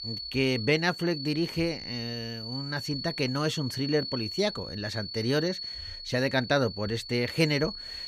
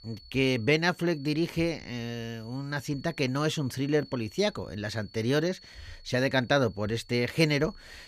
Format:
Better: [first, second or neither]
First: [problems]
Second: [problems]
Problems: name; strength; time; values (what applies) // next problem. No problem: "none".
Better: second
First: high-pitched whine; loud; throughout; 4.5 kHz, 7 dB below the speech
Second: high-pitched whine; faint; throughout; 4.5 kHz, 25 dB below the speech